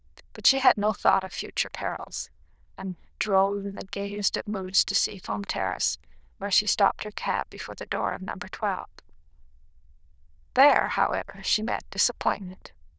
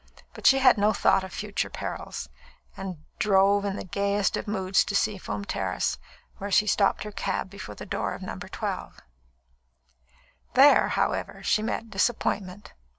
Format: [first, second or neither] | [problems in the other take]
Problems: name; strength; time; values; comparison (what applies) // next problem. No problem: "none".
second | noise reduction (neural diffusion model UNIVERSE++)